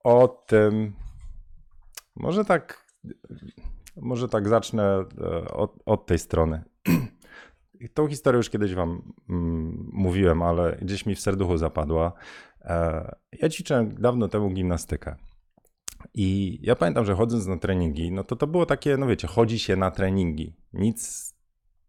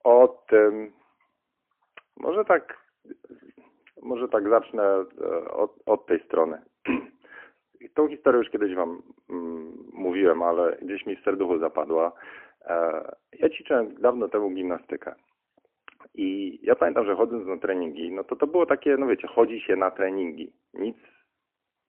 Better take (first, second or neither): first